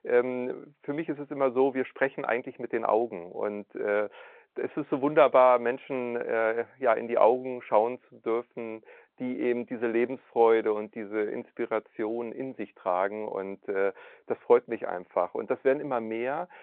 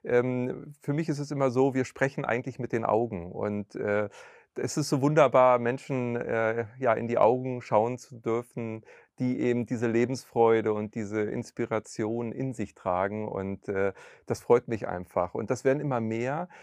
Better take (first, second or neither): second